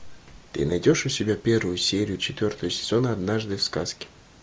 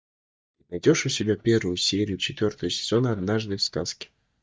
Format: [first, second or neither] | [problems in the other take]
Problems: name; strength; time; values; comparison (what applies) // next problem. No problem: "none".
first | noise reduction (neural mask model DeepFilterNet 3)